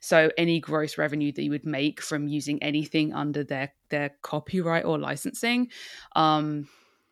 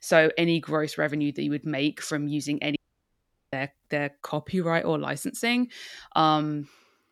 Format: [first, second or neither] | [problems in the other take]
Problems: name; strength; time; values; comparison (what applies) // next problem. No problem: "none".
first | audio cutting out; at 3 s for 1 s